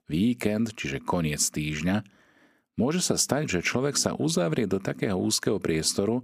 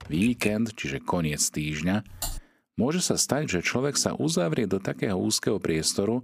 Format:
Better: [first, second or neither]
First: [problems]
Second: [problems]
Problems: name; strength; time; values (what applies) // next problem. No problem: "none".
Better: first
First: none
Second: keyboard typing; noticeable; at the start and at 2 s; peak 6 dB below the speech